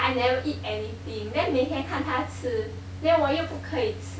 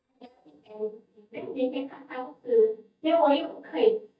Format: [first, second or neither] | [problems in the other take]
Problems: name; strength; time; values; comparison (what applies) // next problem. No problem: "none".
first | noise reduction (neural mask model DeepFilterNet 3)